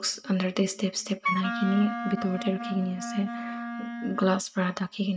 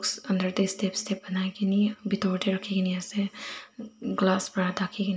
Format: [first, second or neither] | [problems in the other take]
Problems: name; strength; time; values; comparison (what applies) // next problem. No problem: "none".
second | noise reduction (neural mask model RNNoise)